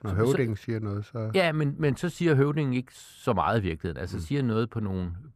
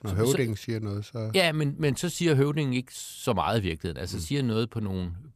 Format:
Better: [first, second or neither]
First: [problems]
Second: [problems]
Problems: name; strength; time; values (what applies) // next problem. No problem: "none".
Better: second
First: muffled; slightly; fading above 2.5 kHz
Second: none